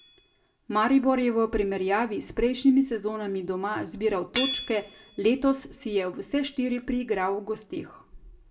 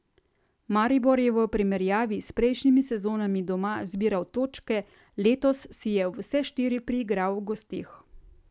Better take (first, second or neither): second